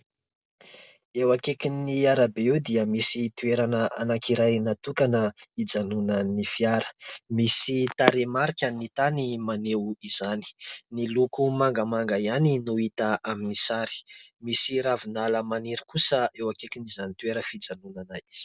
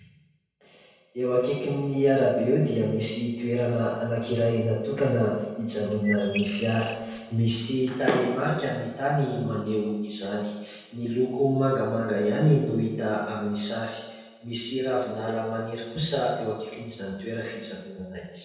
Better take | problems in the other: first | background sound (Bird); 12 dB below the speech // room echo; dies away in 1.2 s

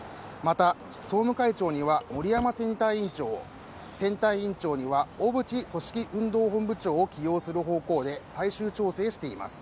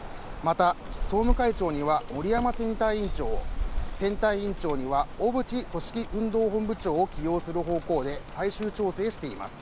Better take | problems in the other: first | background sound (Rain); 5 dB below the speech

